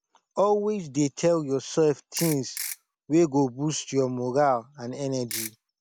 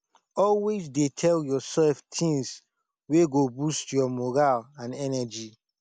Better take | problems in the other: second | background sound (Ratchet, pawl / Percussion); 9 dB below the speech

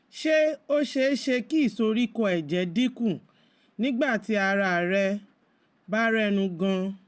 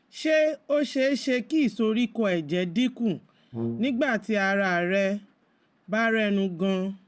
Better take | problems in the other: first | background sound (Brass instrument); 9 dB below the speech

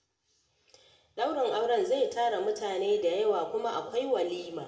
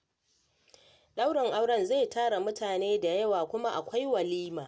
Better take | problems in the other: second | room echo; dies away in 1.5 s

